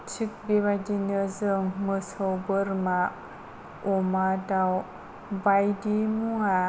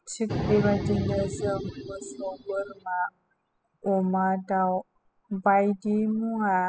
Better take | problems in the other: first | noise reduction (classical method spectral subtraction)

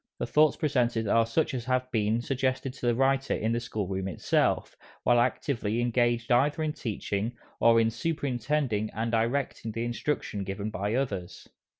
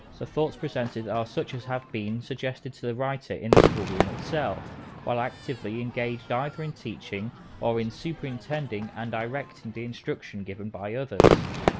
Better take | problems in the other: first | background sound (Crowd / Fireworks); 2 dB above the speech

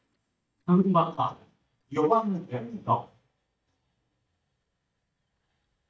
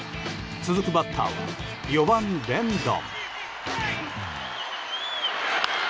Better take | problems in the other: second | noise reduction (neural mask model DeepFilterNet 3)

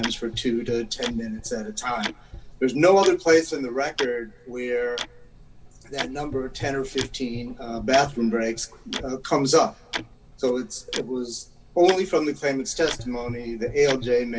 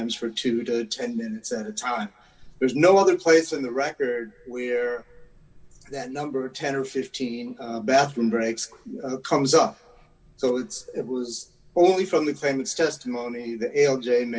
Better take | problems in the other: second | background sound (Tick-tock + Gurgling / Engine); 12 dB below the speech

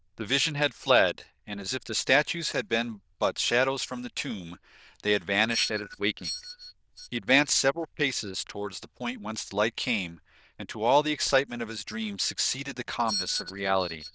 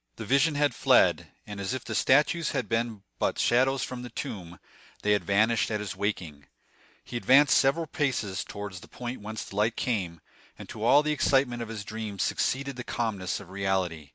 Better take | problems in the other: second | noise reduction (neural diffusion model UNIVERSE++)

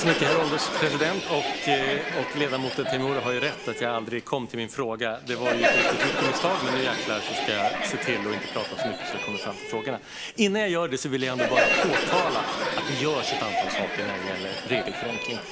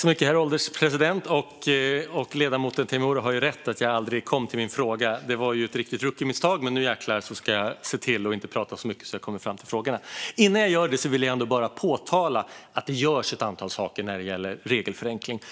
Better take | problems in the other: second | background sound (Crowd); as loud as the speech

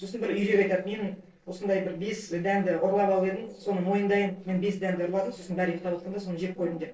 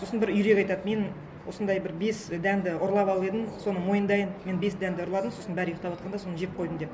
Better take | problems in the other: second | noise reduction (neural separator model SepFormer DNS4)

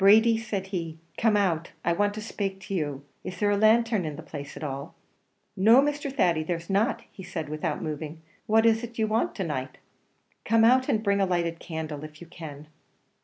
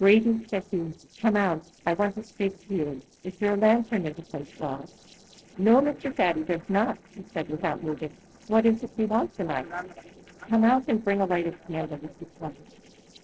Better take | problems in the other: first | noise reduction (neural separator model SepFormer DNS4)

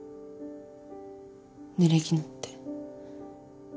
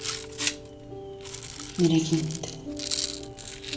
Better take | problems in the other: first | background sound (Rattle); 5 dB below the speech // room echo; dies away in 1 s

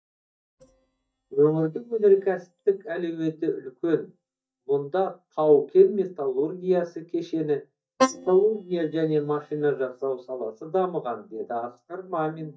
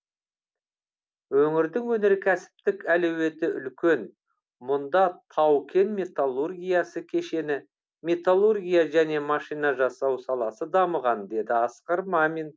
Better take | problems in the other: second | noise reduction (neural mask model DeepFilterNet 3)

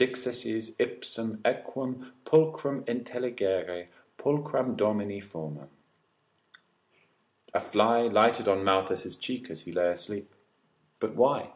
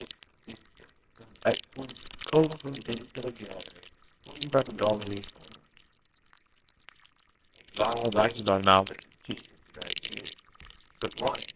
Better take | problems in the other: first | noise reduction (neural separator model SepFormer WHAMR!)

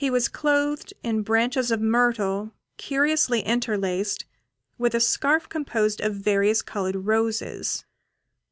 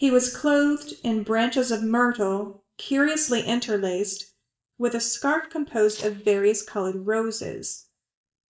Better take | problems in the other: first | noise reduction (neural mask model DeepFilterNet 3)

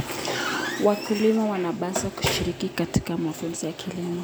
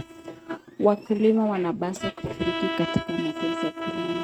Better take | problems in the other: first | noise reduction (neural mask model RNNoise)

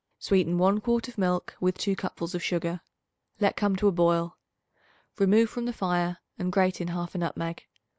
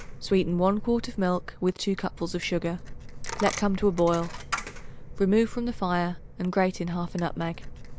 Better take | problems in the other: first | background sound (Coin (dropping)); 9 dB below the speech

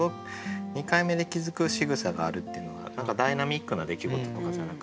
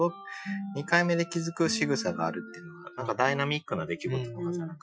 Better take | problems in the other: first | noise reduction (classical method Wiener filter)

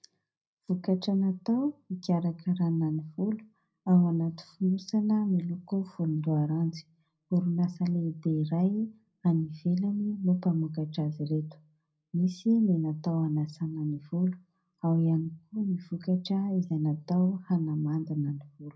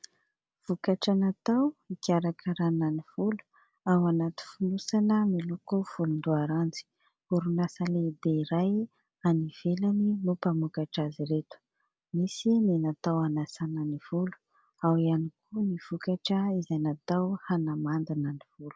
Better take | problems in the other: second | room echo; dies away in 0.4 s

